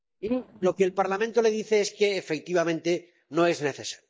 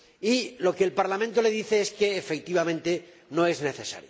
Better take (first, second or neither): second